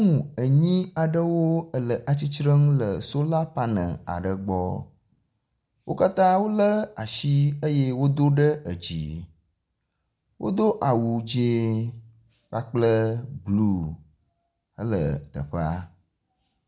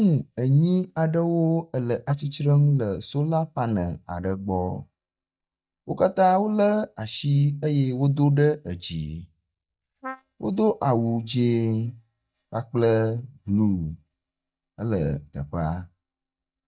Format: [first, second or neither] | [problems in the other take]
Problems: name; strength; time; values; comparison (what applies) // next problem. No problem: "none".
first | noise reduction (neural mask model DeepFilterNet 3)